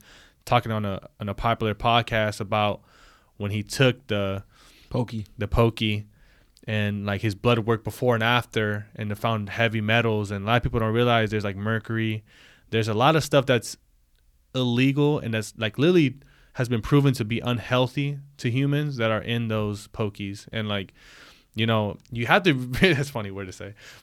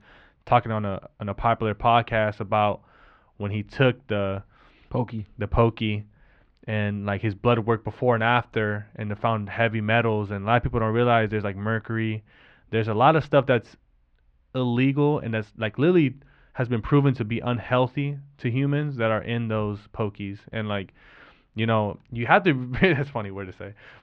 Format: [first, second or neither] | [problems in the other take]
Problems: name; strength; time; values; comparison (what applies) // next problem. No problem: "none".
first | muffled; very; fading above 2.5 kHz